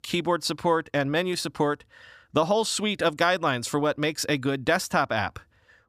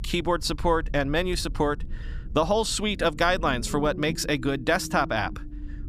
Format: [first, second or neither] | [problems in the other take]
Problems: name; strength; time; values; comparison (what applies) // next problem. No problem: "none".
first | low rumble; faint; throughout; 20 dB below the speech